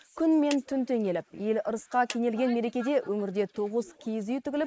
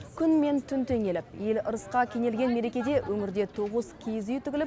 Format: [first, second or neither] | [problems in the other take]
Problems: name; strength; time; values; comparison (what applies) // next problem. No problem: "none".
second | noise reduction (neural mask model Resemble Enhance denoiser)